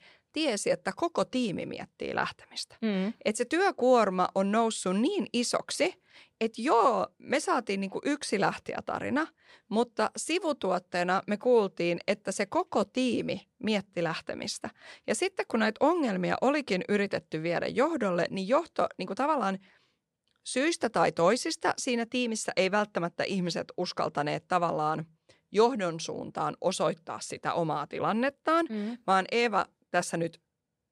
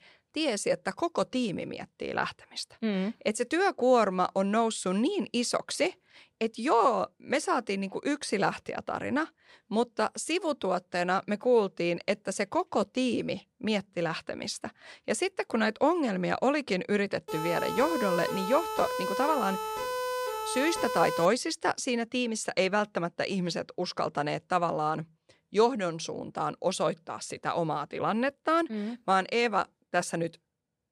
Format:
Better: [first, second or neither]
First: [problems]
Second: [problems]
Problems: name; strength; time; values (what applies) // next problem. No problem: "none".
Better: first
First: none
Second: siren; noticeable; from 17 to 21 s; peak 2 dB below the speech